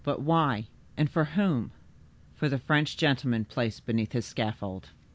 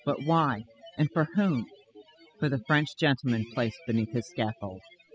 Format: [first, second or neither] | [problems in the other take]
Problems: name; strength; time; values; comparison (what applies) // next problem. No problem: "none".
first | noise reduction (classical method spectral subtraction)